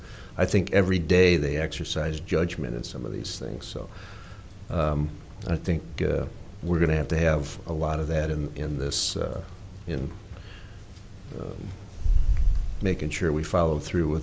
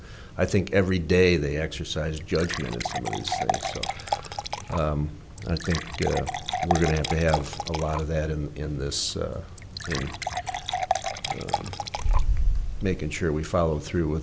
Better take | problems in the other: first | background sound (Fill (with liquid) / Water); 5 dB below the speech

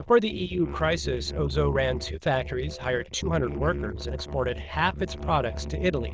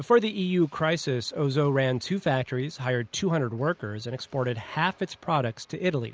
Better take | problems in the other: second | noise reduction (neural diffusion model UNIVERSE++)

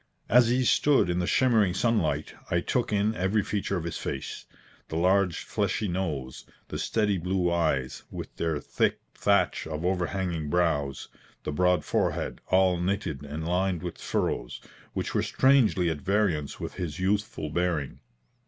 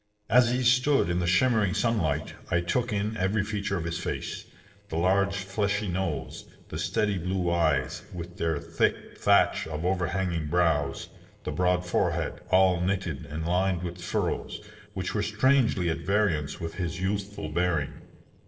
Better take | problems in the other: first | noise reduction (neural separator model SepFormer DNS4)

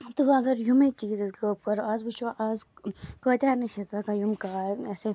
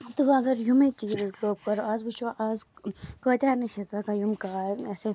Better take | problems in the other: first | noise reduction (neural mask model Resemble Enhance denoiser)

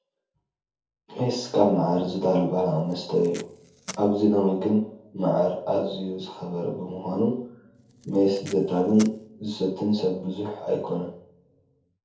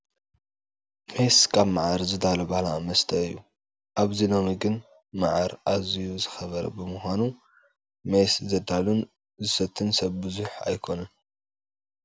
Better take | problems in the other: second | background sound (Packing tape, duct tape); 20 dB below the speech // room echo; dies away in 0.6 s

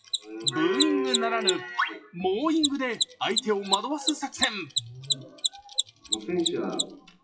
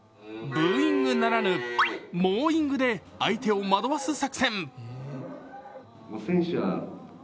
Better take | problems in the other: second | noise reduction (classical method WPE with log-MMSE)

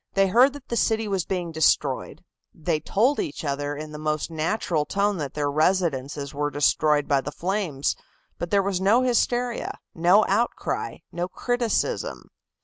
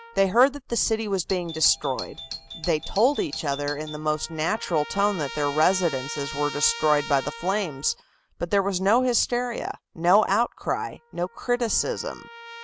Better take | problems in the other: first | background sound (Trumpet + Doorbell); 15 dB below the speech

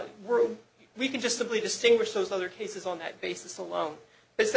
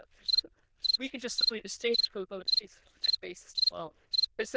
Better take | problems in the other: first | noise reduction (neural diffusion model UNIVERSE++)

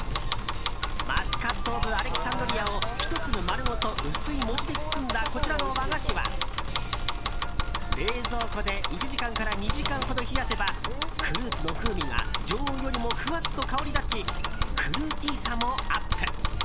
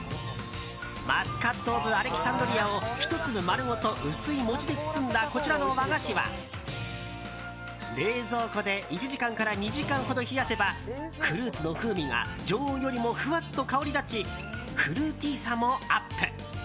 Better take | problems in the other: second | background sound (Bicycle); 5 dB above the speech

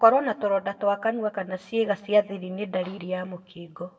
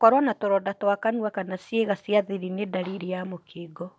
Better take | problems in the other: second | room echo; dies away in 0.6 s

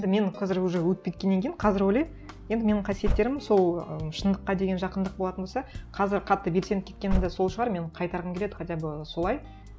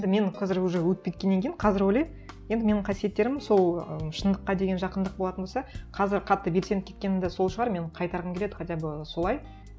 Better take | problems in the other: second | background sound (Slam / Car); 10 dB below the speech

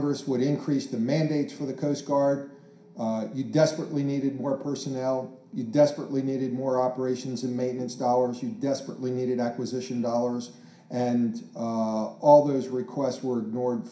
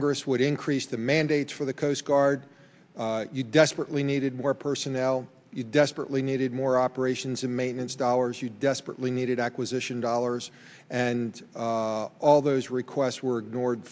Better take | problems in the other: second | room echo; dies away in 0.5 s

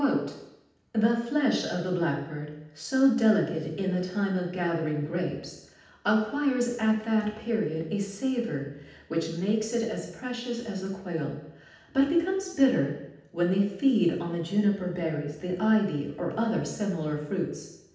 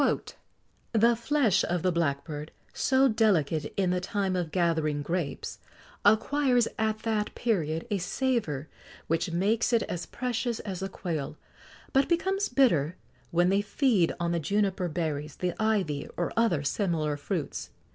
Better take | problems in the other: second | room echo; dies away in 0.8 s

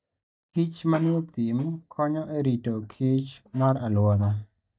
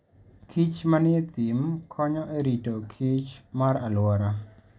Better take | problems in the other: second | noise reduction (neural mask model DeepFilterNet 3)

